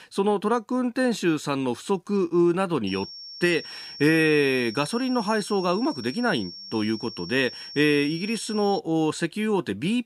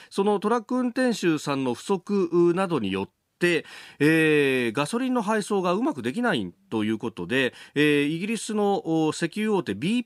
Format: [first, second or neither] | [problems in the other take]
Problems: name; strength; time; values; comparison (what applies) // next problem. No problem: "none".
second | high-pitched whine; noticeable; from 3 to 9 s; 5.5 kHz, 15 dB below the speech